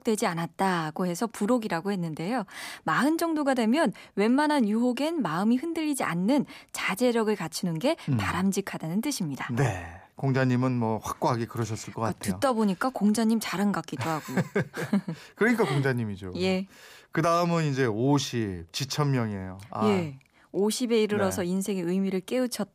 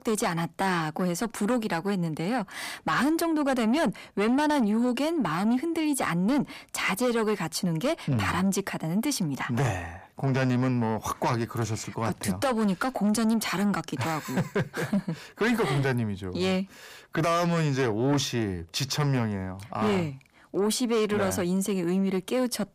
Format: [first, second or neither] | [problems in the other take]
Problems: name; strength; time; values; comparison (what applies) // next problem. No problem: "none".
first | distortion; slight; 10 dB below the speech